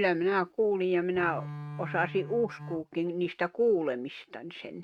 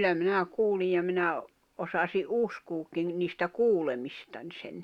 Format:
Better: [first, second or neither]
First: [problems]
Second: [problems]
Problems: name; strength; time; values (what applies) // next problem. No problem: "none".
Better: second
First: noise reduction (neural mask model RNNoise)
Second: none